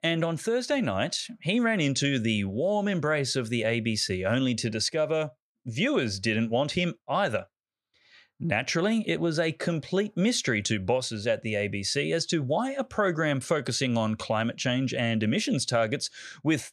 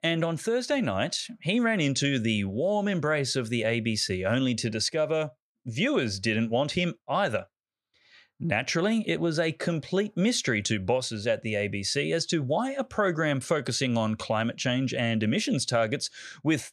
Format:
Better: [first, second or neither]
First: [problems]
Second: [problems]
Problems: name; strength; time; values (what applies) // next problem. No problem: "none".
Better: neither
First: none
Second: none